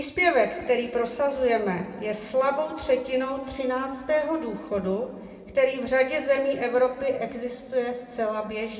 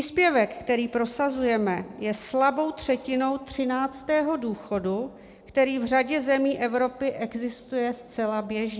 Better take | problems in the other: second | room echo; dies away in 2.4 s

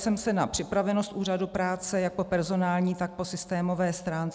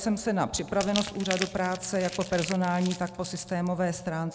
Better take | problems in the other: first | background sound (Crumpling, crinkling); 11 dB below the speech

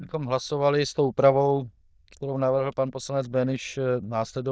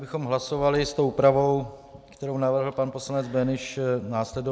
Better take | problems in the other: second | noise reduction (neural diffusion model UNIVERSE++)

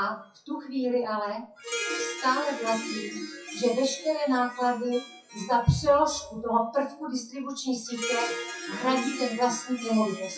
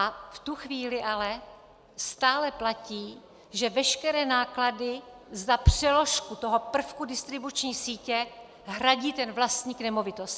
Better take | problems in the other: second | noise reduction (classical method WPE with log-MMSE)

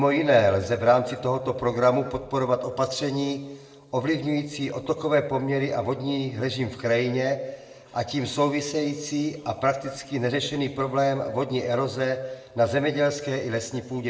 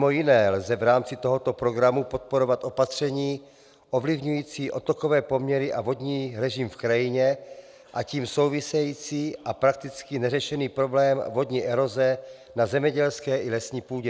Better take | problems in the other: second | room echo; dies away in 1.4 s

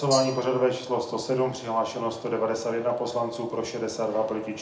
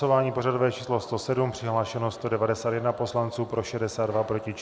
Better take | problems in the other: second | background sound (Glass); 16 dB below the speech // room echo; dies away in 0.4 s

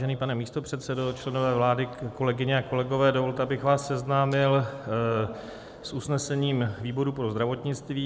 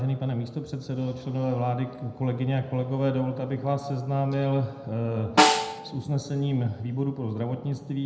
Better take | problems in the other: first | background sound (Snare drum); as loud as the speech // room echo; dies away in 0.8 s

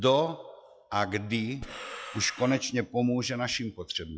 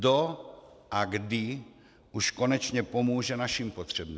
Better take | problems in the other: second | noise reduction (classical method log-MMSE)

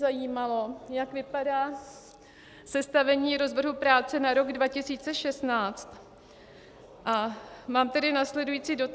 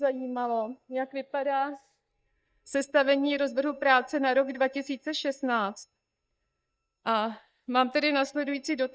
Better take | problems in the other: first | noise reduction (neural mask model DeepFilterNet 3)

